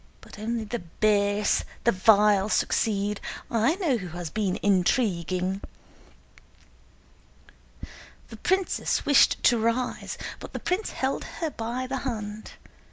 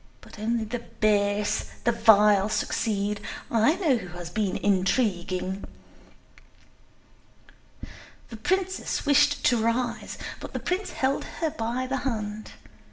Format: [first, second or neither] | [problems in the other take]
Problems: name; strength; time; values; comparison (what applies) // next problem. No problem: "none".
first | room echo; dies away in 0.6 s